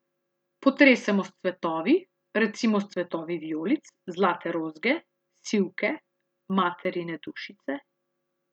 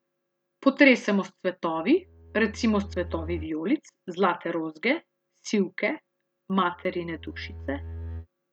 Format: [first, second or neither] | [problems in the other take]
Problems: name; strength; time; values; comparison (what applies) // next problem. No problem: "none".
first | background sound (Bowed string instrument); 12 dB below the speech